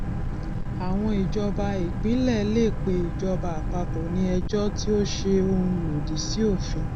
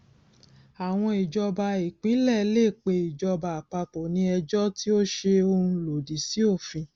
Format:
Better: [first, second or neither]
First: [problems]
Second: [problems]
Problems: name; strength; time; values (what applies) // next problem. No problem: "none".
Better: second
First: background sound (Boat, Water vehicle); 1 dB below the speech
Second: none